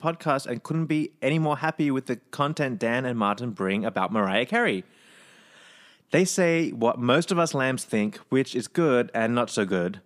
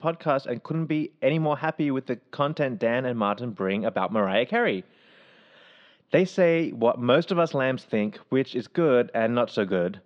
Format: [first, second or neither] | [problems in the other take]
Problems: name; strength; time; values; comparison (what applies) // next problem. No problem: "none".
first | muffled; slightly; fading above 4 kHz